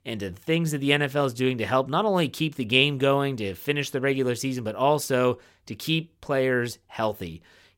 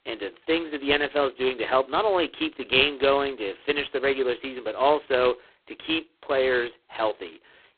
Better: first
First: none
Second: phone-call audio; poor line

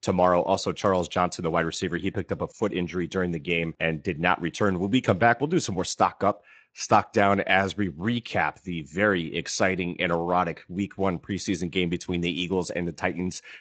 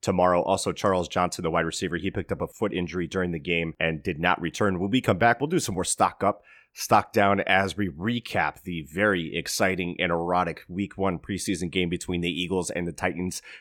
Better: second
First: garbled, watery; slightly; nothing above 7.5 kHz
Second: none

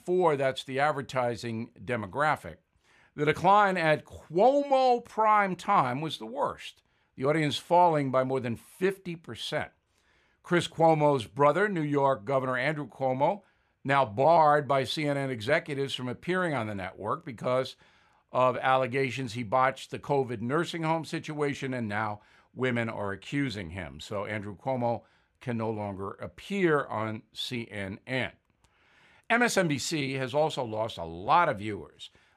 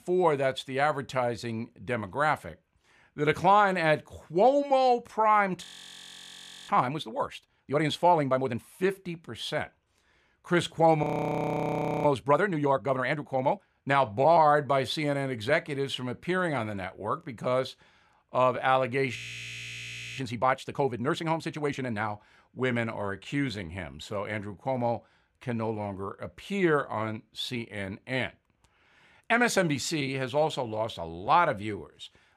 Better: first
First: none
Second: audio freezing; at 5.5 s for 1 s, at 11 s for 1 s and at 19 s for 1 s

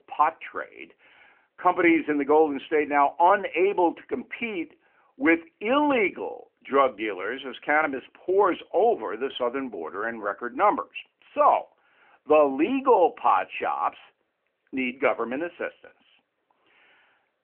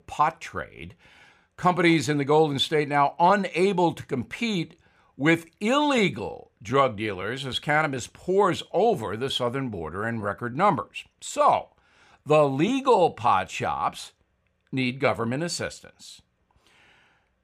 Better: second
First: phone-call audio; nothing above 3 kHz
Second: none

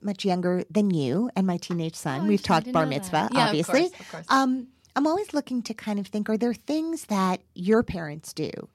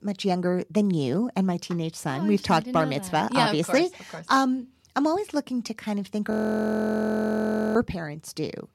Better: first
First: none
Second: audio freezing; at 6.5 s for 1.5 s

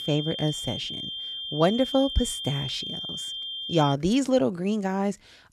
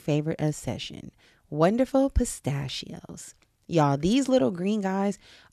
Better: second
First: high-pitched whine; loud; until 4 s; 3 kHz, 6 dB below the speech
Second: none

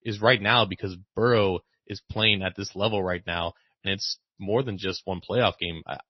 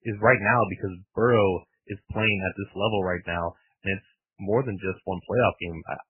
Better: first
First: garbled, watery; slightly; nothing above 6 kHz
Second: garbled, watery; badly; nothing above 3 kHz

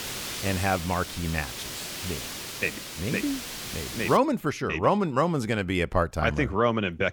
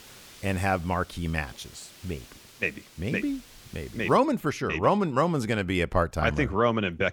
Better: second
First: hiss; loud; until 4 s; 8 dB below the speech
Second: hiss; faint; until 4 s; 20 dB below the speech

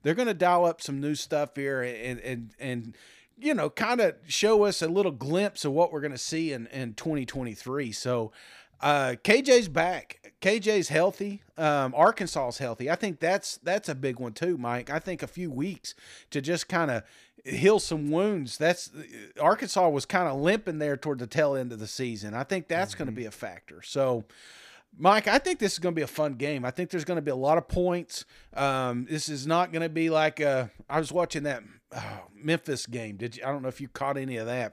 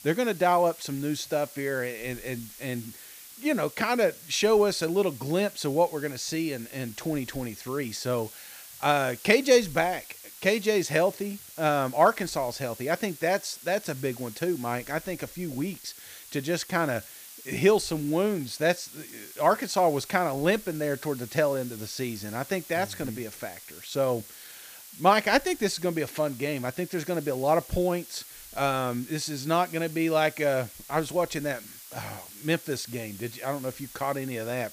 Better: first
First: none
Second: hiss; noticeable; throughout; 15 dB below the speech

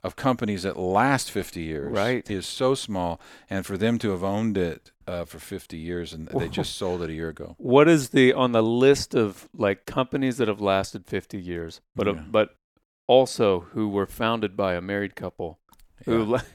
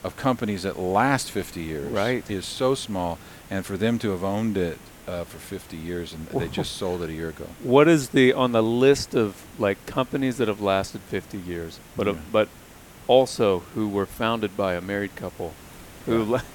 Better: first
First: none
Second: hiss; faint; throughout; 20 dB below the speech

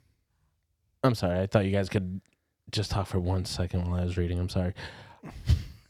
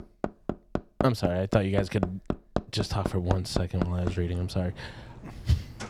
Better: first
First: none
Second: machinery noise; loud; throughout; 5 dB below the speech

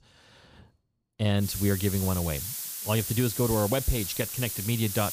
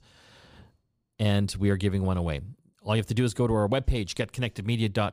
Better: second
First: hiss; loud; from 1.5 s on; 4 dB below the speech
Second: none

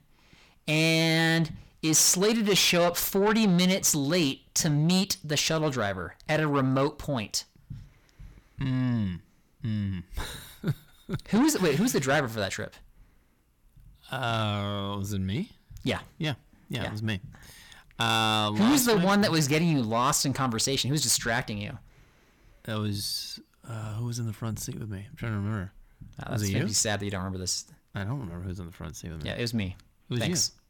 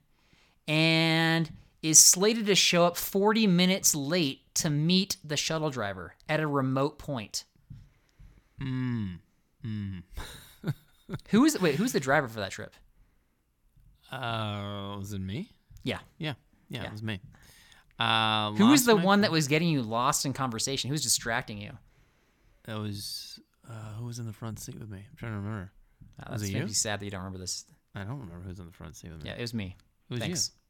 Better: second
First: distortion; heavy; 7 dB below the speech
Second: none

